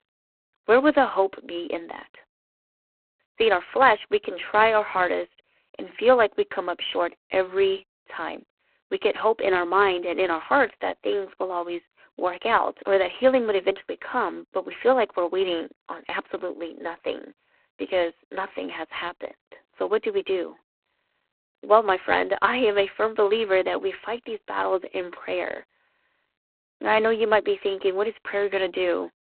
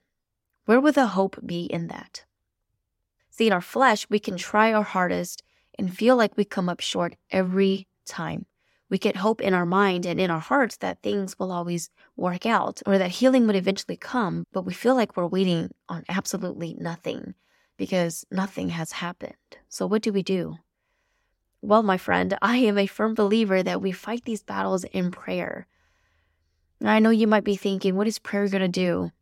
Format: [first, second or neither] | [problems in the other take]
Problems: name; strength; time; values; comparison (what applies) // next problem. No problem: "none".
second | phone-call audio; poor line